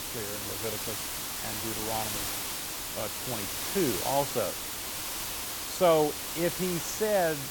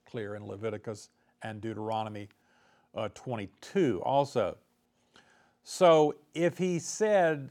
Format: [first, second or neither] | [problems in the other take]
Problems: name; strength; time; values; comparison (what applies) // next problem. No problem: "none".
second | hiss; loud; throughout; 1 dB below the speech